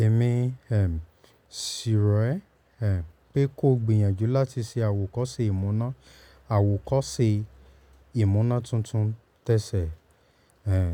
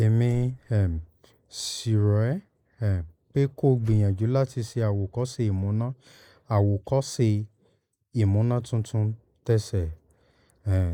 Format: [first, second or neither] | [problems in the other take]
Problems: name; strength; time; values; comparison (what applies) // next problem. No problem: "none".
first | noise reduction (neural mask model Resemble Enhance denoiser)